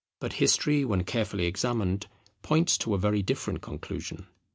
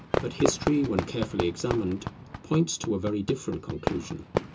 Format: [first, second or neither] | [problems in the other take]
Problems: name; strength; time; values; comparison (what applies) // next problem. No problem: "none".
first | background sound (Fireworks); 4 dB below the speech // room echo; dies away in 0.2 s